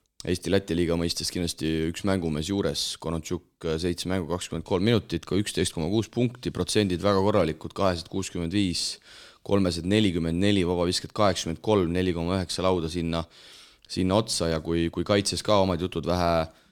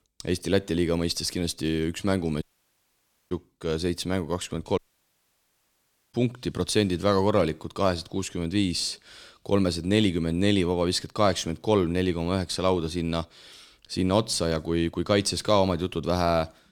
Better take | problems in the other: first | audio cutting out; at 2.5 s for 1 s and at 5 s for 1.5 s

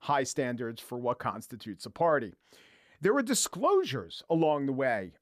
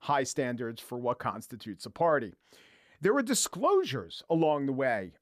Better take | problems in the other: neither | none

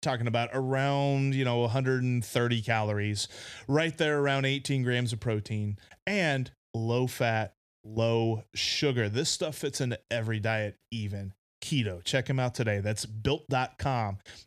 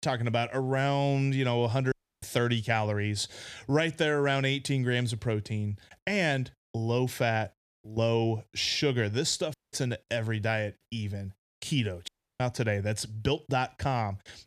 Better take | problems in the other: first | audio cutting out; at 2 s, at 9.5 s and at 12 s

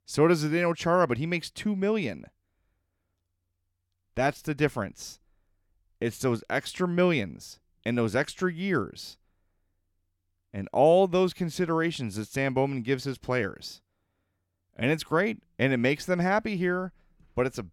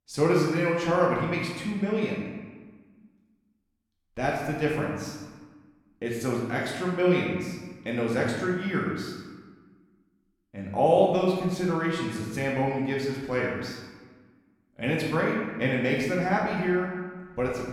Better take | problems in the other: first | room echo; noticeable; dies away in 1.1 s // off-mic speech; far

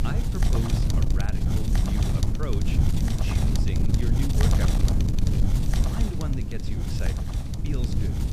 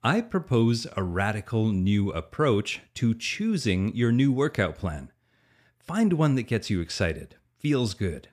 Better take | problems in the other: second | wind noise on the microphone; heavy; 4 dB above the speech

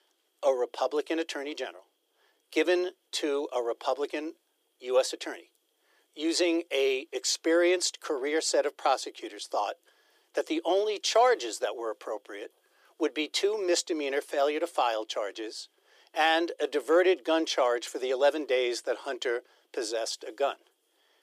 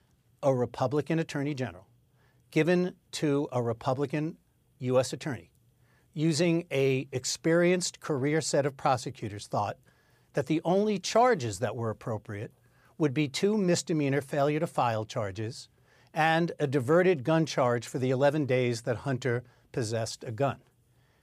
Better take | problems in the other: second | thin; very; fading below 350 Hz

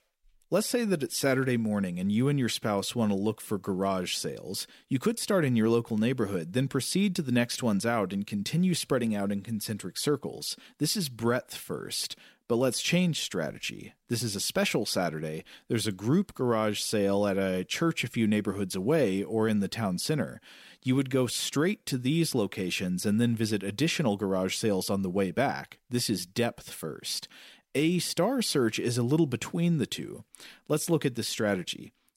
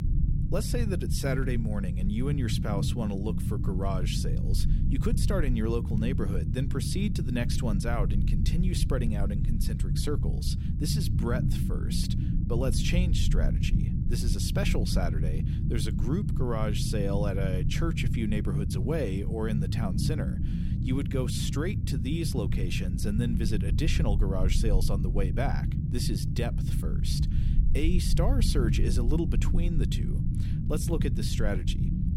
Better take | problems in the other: first | low rumble; loud; throughout; 5 dB below the speech

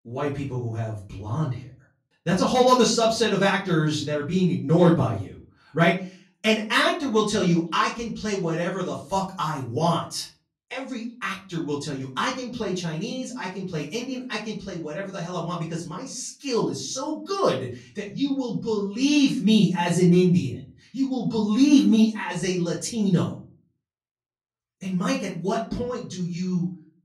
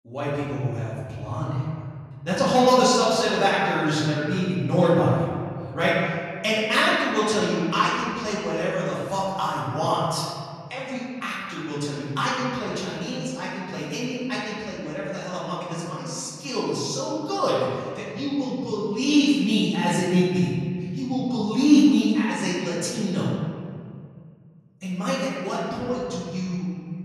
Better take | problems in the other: first | room echo; strong; dies away in 2 s; slight in the first // off-mic speech; far; far in the first

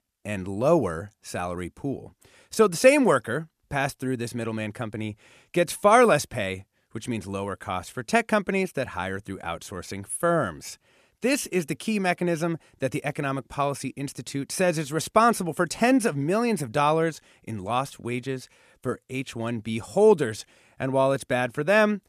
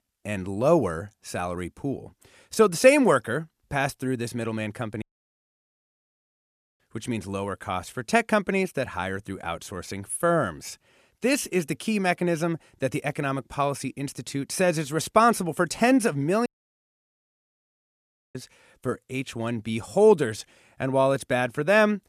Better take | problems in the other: first | audio cutting out; at 5 s for 2 s and at 16 s for 2 s

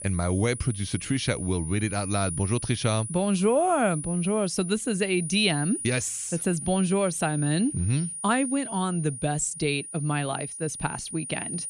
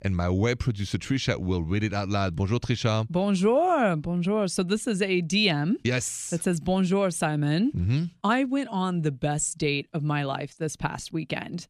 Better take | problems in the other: second | high-pitched whine; loud; throughout; 9.5 kHz, 8 dB below the speech

